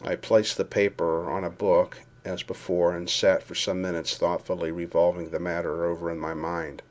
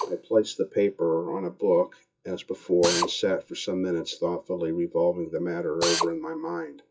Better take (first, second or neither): first